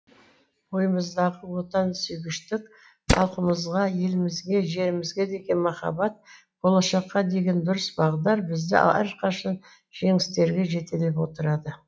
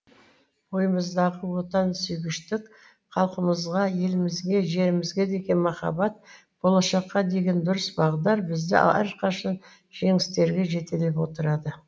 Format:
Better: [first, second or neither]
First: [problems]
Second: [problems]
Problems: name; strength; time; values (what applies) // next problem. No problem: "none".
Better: second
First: noise reduction (classical method log-MMSE)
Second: none